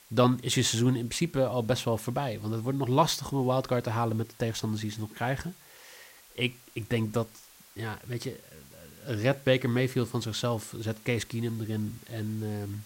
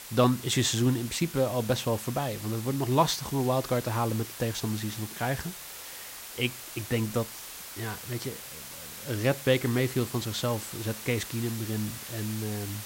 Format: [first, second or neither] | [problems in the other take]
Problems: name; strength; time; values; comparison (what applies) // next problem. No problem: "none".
first | hiss; loud; throughout; 10 dB below the speech; faint in the first